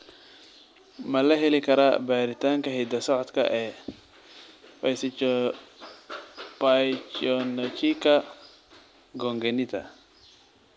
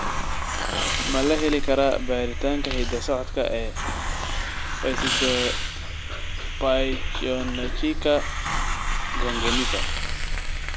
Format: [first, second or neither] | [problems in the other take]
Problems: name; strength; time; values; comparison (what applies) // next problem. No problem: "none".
first | background sound (Hiss); 1 dB above the speech